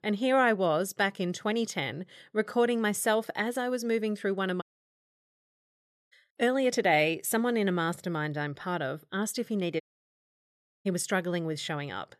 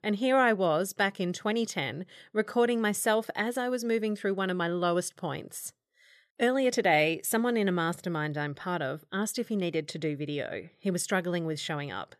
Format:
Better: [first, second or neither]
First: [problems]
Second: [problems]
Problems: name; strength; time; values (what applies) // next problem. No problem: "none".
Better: second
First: audio cutting out; at 4.5 s for 1.5 s and at 10 s for 1 s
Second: none